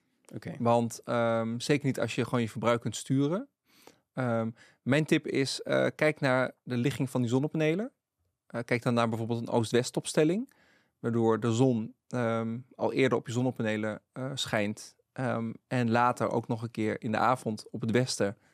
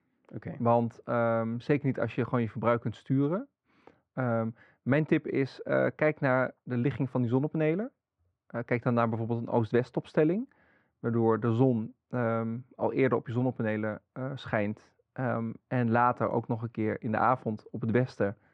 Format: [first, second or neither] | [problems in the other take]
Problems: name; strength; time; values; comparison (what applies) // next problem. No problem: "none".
first | muffled; very; fading above 1.5 kHz